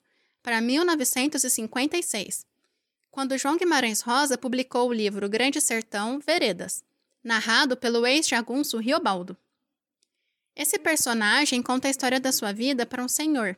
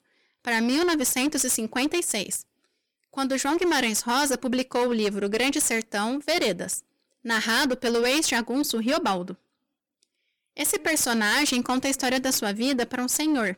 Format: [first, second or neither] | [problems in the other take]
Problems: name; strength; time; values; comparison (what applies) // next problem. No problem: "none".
first | distortion; slight; 13% of the sound clipped